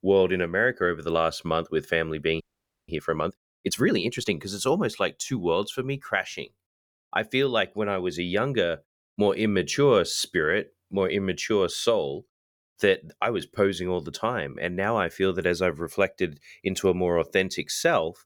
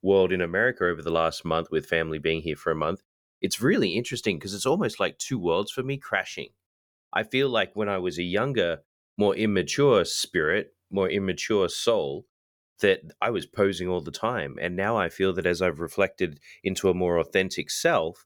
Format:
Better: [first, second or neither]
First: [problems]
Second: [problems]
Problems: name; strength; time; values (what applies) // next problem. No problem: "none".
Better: second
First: audio freezing; at 2.5 s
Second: none